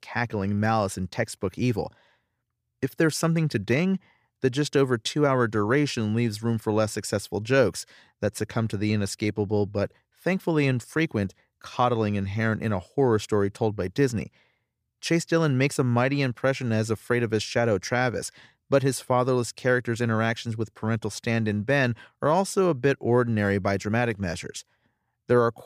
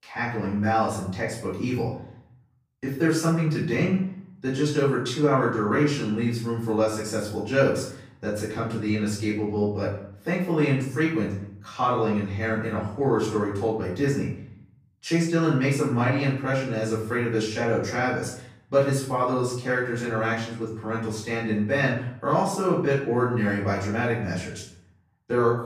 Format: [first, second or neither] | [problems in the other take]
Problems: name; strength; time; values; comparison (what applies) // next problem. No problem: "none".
first | off-mic speech; far // room echo; noticeable; dies away in 0.6 s